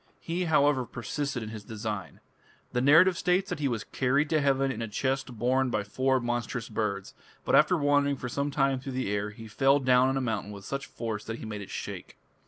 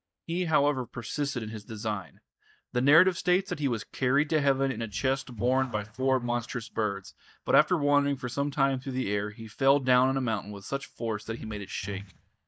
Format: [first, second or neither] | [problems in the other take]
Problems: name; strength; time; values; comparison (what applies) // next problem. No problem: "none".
first | noise reduction (neural mask model DeepFilterNet 3)